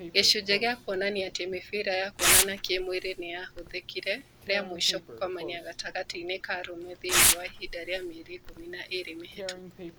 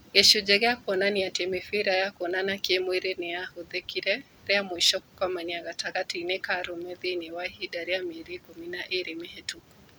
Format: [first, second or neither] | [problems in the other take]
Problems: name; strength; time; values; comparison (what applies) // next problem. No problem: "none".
second | background sound (Tearing); as loud as the speech